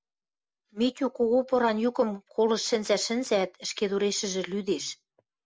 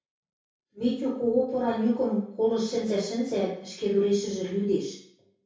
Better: first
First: none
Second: room echo; dies away in 0.6 s

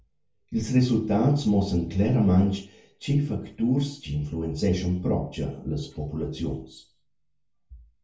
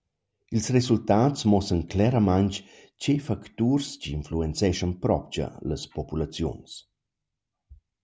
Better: second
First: room echo; dies away in 0.4 s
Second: none

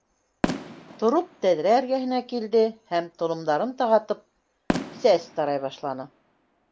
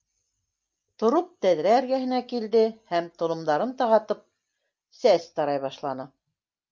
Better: second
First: background sound (Fireworks); 11 dB below the speech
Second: none

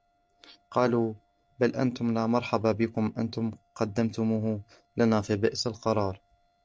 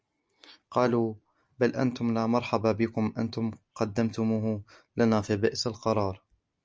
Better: second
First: noise reduction (neural separator model SepFormer DNS4)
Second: none

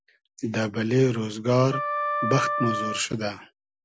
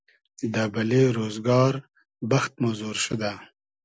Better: second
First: background sound (Wind instrument, woodwind instrument); 4 dB below the speech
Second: none

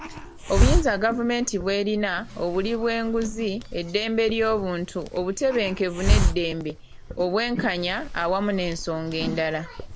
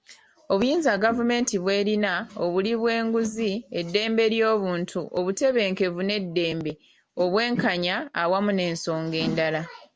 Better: second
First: background sound (Hiss); 2 dB below the speech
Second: none

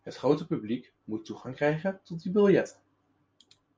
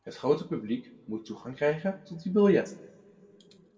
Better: first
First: none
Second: room echo; dies away in 1 s

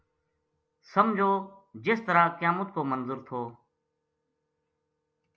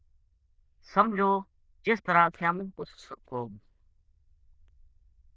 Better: first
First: none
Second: noise reduction (neural diffusion model UNIVERSE++)

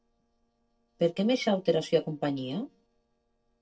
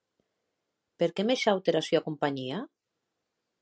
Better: second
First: noise reduction (neural separator model SepFormer DNS4)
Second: none

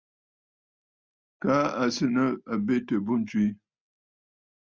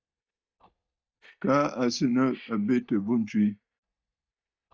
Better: first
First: none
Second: noise reduction (neural mask model DeepFilterNet 3)

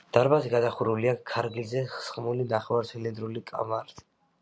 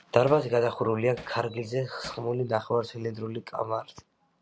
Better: first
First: none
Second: background sound (Hammer); 20 dB below the speech

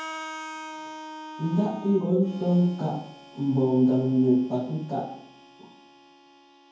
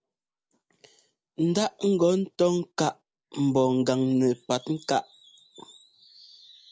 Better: second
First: background sound (Harmonica); 16 dB below the speech // room echo; dies away in 0.9 s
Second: none

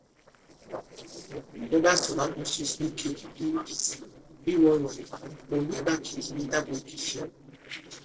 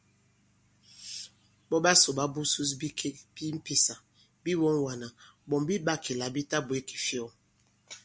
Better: second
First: noise reduction (neural separator model SepFormer DNS4)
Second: none

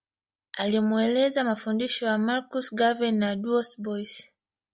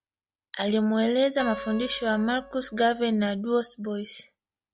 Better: first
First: none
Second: background sound (Acoustic guitar); 16 dB below the speech

